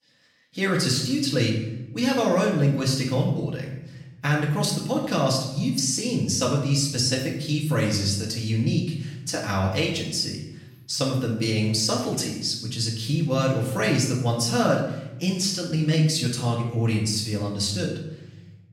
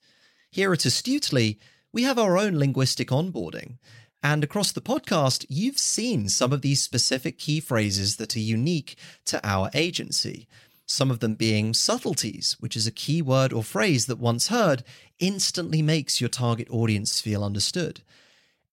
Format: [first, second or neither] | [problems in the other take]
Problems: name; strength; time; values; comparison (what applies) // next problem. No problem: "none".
second | room echo; noticeable; dies away in 0.8 s // off-mic speech; far